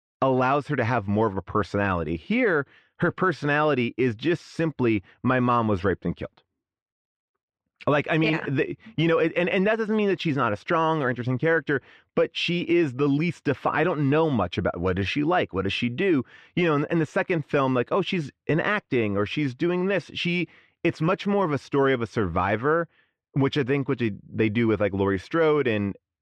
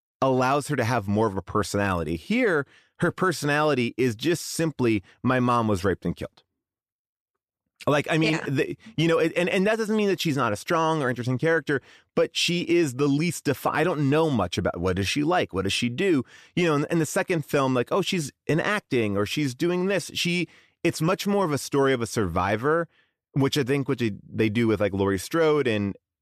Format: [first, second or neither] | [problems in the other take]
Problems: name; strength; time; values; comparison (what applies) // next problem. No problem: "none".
second | muffled; slightly; fading above 2.5 kHz